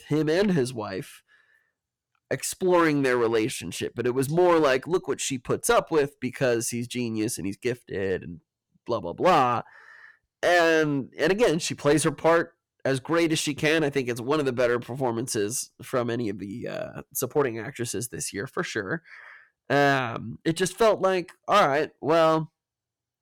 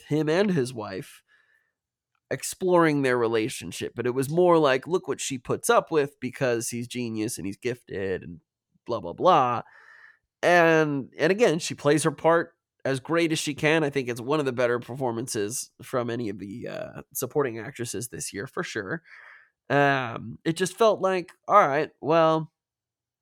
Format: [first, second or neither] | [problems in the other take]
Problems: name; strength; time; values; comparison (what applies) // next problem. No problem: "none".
second | distortion; slight; 4% of the sound clipped